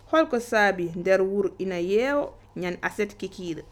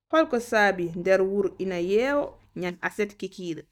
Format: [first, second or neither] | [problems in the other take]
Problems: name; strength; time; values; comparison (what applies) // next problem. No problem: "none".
first | noise reduction (neural mask model DeepFilterNet 3)